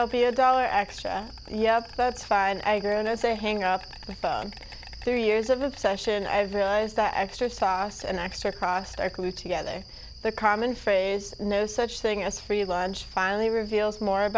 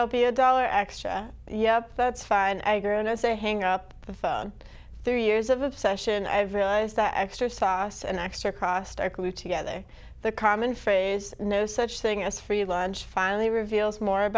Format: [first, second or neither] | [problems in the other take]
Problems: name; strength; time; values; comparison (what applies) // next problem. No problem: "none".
second | background sound (Insect); 20 dB below the speech